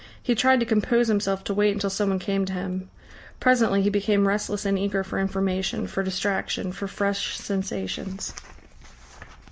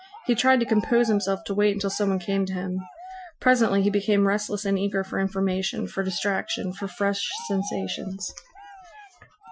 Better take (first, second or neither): first